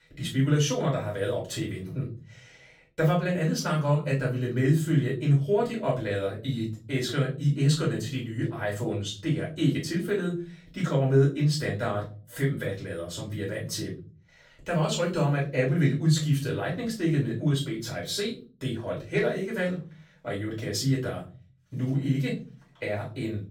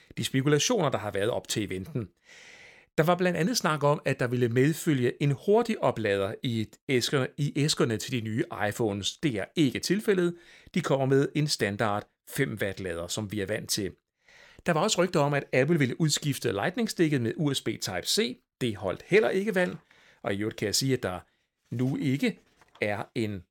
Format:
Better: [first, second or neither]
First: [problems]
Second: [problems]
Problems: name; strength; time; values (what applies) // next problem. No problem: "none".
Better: second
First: off-mic speech; far // room echo; slight; dies away in 0.5 s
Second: none